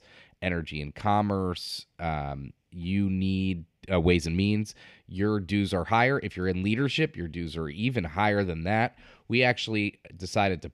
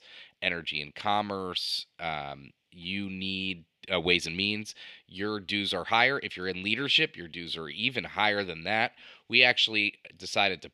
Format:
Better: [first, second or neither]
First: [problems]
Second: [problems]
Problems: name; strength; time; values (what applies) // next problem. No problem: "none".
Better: first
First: none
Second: thin; somewhat; fading below 900 Hz